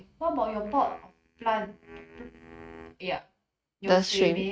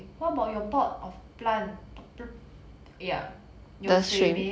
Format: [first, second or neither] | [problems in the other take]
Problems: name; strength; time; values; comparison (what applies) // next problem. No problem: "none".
second | noise reduction (neural mask model RNNoise)